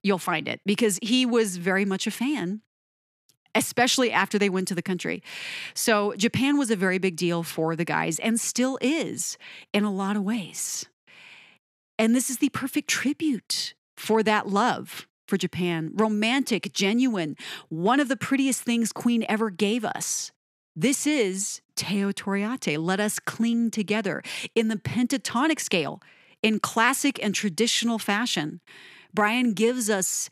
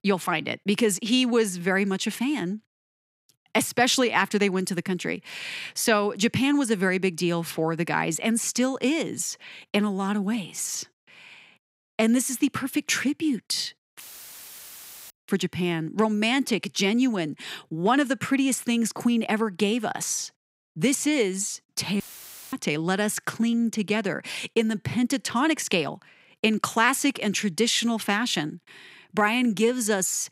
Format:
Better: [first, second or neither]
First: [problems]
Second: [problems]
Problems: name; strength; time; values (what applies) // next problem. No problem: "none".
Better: first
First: none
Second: audio cutting out; filled with static; at 14 s for 1 s and at 22 s for 0.5 s